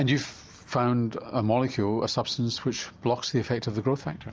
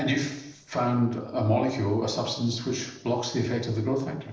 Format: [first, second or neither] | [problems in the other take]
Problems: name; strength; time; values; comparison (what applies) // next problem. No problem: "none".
first | noise reduction (neural separator model SepFormer DNS4)